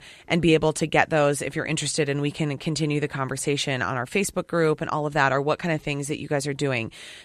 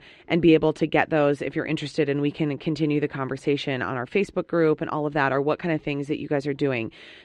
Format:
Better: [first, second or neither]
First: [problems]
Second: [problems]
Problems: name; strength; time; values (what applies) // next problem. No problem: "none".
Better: first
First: none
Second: muffled; slightly; fading above 3 kHz